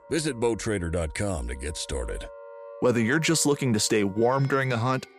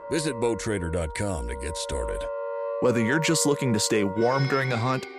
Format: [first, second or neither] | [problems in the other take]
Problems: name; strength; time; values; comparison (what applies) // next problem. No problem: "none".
first | background music; loud; throughout; 8 dB below the speech; faint in the first